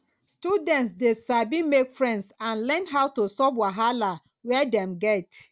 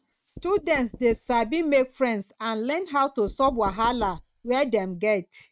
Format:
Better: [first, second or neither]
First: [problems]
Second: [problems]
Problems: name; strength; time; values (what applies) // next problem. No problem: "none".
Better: first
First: none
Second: noise reduction (neural mask model RNNoise)